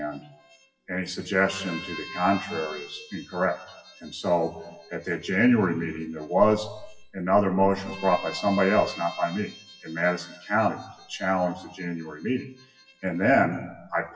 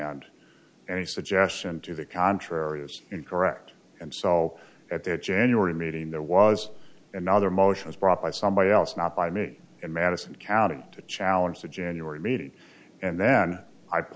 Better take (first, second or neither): second